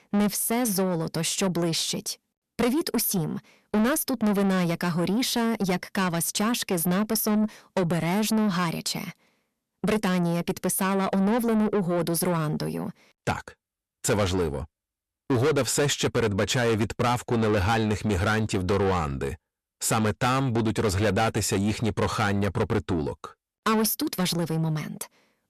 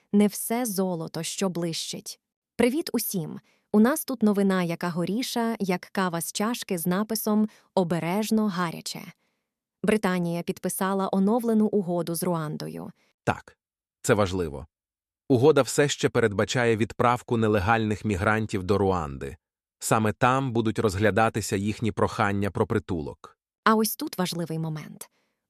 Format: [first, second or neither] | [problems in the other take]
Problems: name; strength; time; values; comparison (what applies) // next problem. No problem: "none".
second | distortion; heavy; 7 dB below the speech